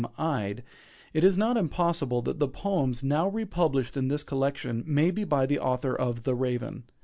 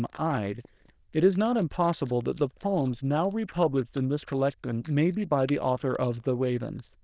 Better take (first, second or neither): first